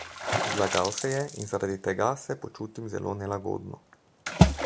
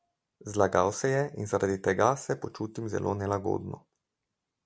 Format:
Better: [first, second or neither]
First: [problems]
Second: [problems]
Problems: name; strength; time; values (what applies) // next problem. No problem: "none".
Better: second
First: background sound (Water / Splash, splatter); 1 dB above the speech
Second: none